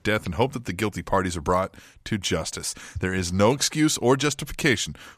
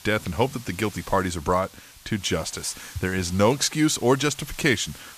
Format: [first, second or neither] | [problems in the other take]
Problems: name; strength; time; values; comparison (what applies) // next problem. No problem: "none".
first | hiss; noticeable; throughout; 20 dB below the speech